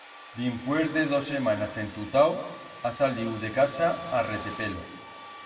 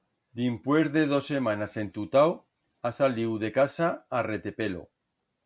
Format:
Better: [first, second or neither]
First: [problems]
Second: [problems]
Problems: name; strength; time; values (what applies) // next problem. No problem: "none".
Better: second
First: background sound (Domestic sounds, home sounds); 15 dB below the speech // room echo; dies away in 1.4 s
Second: none